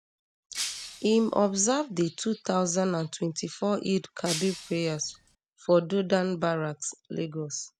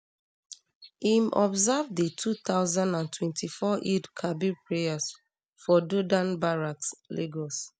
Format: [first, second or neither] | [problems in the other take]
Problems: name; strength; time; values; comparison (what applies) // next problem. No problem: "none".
second | background sound (Shatter); 10 dB below the speech